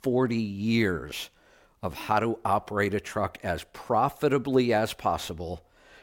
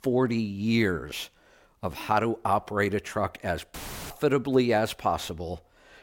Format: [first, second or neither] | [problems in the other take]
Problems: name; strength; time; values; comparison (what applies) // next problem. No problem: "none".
first | audio cutting out; filled with static; at 3.5 s